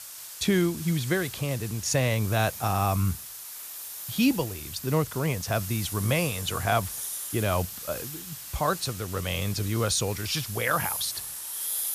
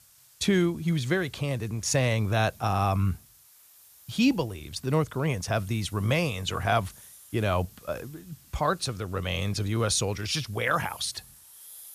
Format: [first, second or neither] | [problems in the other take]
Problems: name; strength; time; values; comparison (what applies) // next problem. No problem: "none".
second | hiss; loud; throughout; 7 dB below the speech; faint in the second